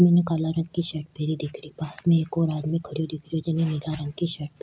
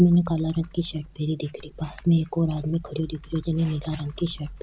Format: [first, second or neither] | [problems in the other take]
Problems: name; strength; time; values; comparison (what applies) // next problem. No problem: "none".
first | background sound (Computer keyboard); 18 dB below the speech